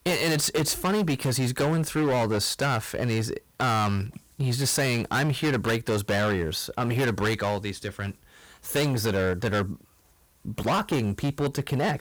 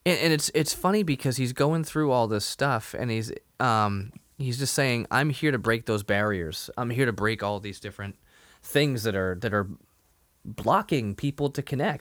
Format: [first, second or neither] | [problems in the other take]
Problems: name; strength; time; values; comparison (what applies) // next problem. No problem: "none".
second | distortion; heavy; 18% of the sound clipped